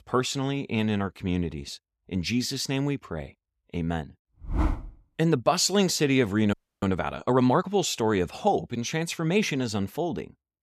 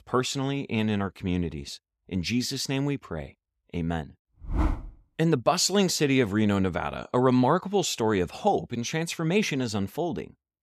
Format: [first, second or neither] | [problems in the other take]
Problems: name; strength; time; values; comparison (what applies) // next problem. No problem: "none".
second | audio freezing; at 6.5 s